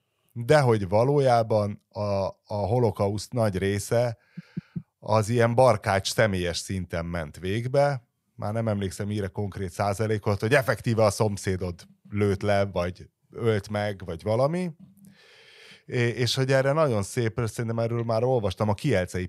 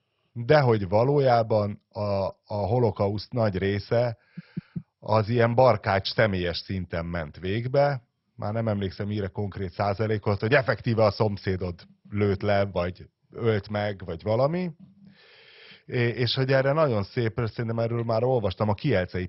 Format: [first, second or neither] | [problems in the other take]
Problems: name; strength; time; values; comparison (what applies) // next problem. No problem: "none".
first | garbled, watery; badly; nothing above 5.5 kHz